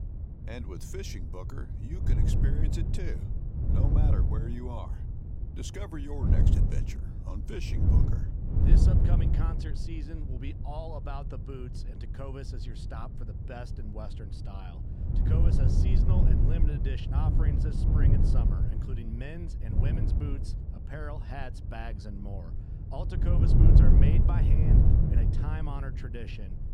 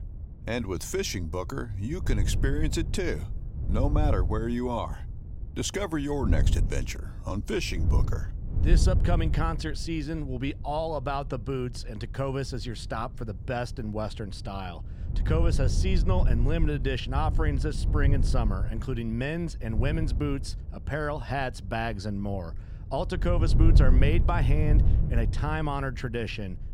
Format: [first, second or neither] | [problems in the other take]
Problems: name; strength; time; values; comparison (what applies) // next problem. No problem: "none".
second | wind noise on the microphone; heavy; 3 dB above the speech; occasional gusts in the second